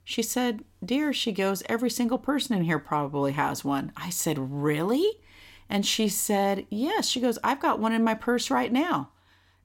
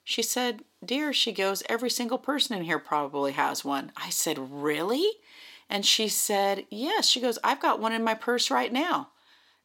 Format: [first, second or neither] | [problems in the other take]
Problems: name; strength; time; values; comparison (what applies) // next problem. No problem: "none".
first | thin; very slightly; fading below 350 Hz